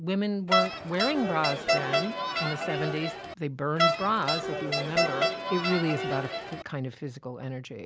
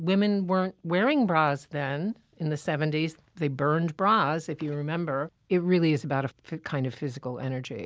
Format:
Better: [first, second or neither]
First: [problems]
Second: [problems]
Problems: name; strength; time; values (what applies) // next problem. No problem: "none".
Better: second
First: background sound (Crowd); 2 dB above the speech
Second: none